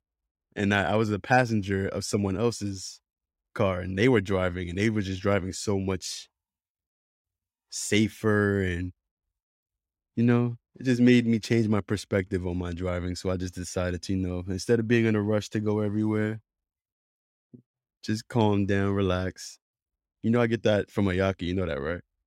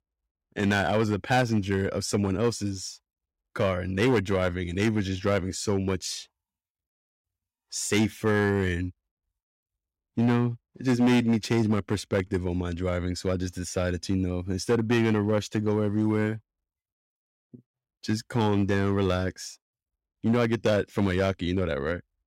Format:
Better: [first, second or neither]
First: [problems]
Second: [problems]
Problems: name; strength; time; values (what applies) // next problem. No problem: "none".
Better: first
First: none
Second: distortion; slight; 4% of the sound clipped